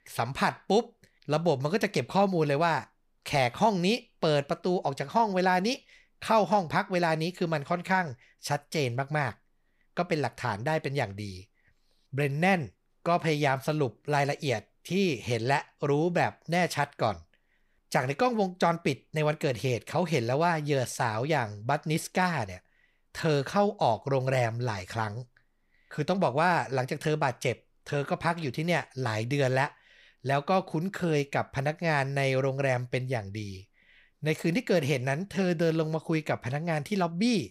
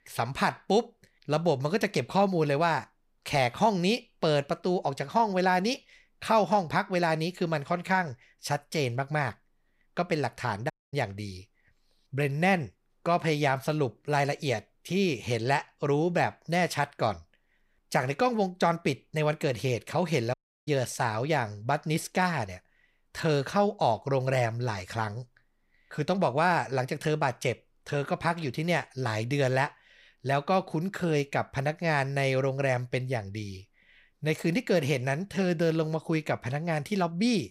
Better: first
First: none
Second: audio cutting out; at 11 s and at 20 s

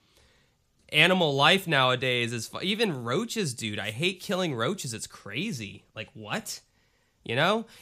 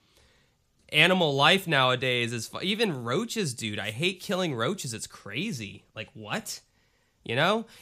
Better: neither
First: none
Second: none

